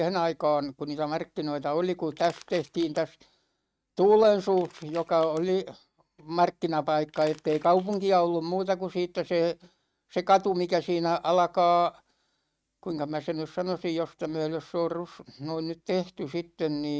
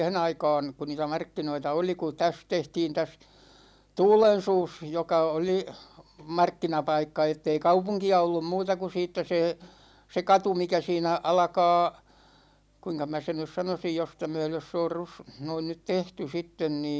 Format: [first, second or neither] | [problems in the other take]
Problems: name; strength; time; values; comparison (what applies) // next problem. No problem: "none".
second | noise reduction (neural mask model RNNoise)